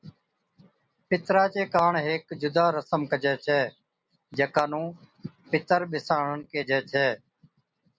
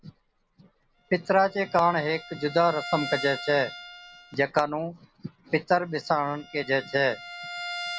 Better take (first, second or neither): first